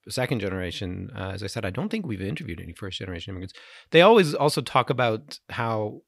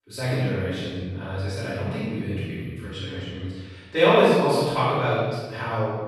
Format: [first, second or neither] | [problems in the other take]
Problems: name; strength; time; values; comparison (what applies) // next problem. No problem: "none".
first | off-mic speech; far // room echo; strong; dies away in 1.1 s